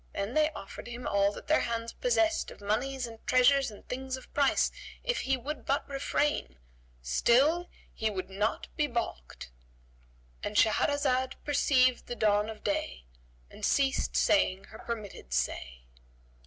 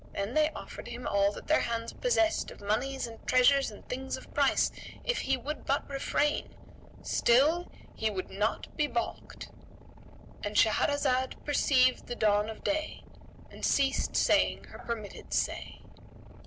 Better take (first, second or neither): first